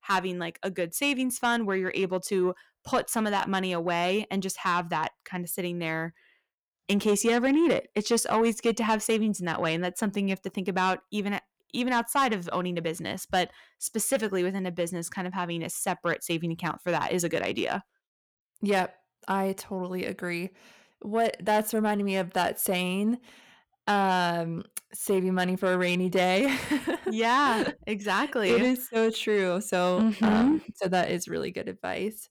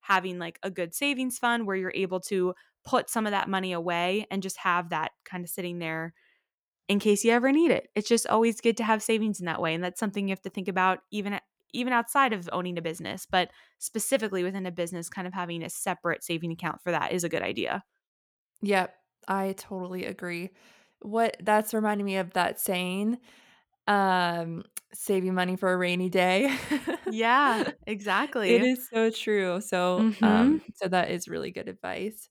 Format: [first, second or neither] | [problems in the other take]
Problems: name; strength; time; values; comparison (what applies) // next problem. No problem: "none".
second | distortion; slight; 10 dB below the speech